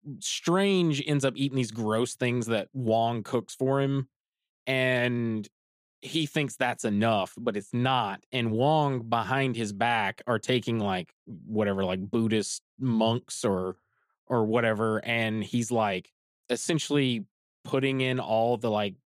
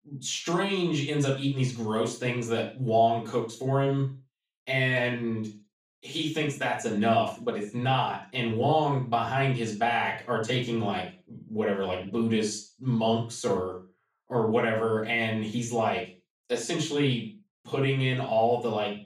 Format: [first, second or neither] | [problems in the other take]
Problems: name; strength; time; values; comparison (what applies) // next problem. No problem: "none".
first | room echo; slight; dies away in 0.3 s // off-mic speech; far